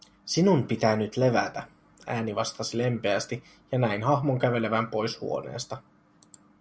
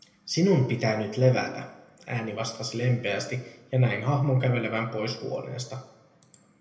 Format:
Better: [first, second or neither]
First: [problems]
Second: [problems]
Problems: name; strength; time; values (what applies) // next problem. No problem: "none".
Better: first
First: none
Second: room echo; dies away in 0.8 s